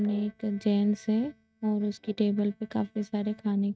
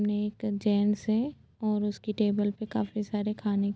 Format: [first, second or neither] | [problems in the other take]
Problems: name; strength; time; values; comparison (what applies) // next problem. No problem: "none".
second | noise reduction (neural mask model RNNoise)